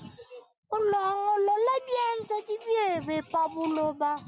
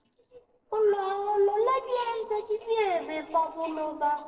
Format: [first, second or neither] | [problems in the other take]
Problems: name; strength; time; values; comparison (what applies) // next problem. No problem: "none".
first | noise reduction (neural separator model SepFormer DNS4)